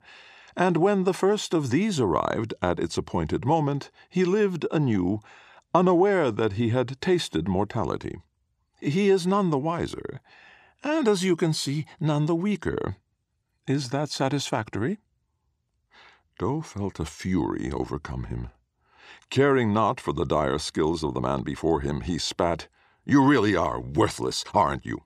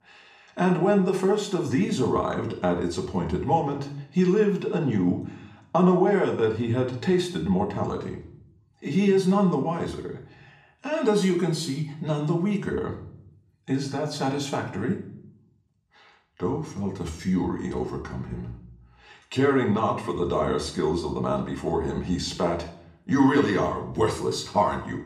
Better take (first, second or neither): first